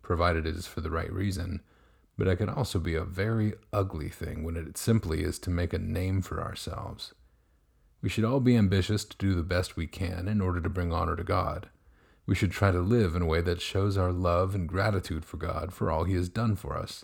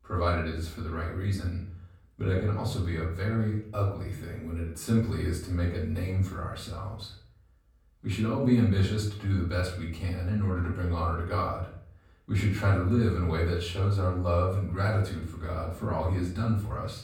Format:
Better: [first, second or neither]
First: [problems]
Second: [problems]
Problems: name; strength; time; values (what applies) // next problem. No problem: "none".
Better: first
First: none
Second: off-mic speech; far // room echo; slight; dies away in 0.5 s